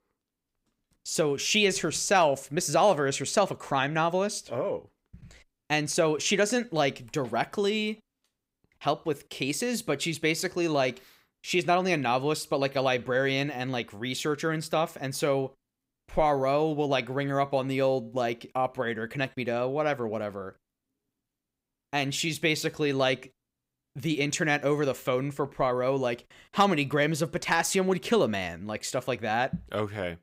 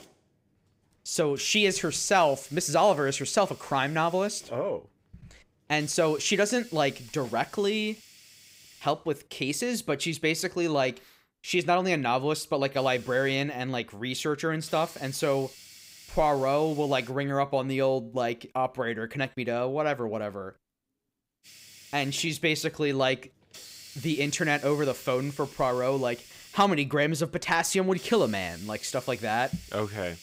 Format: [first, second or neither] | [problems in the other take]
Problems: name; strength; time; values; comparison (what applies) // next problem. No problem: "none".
first | hiss; faint; until 10 s, from 13 to 17 s and from 21 s on; 20 dB below the speech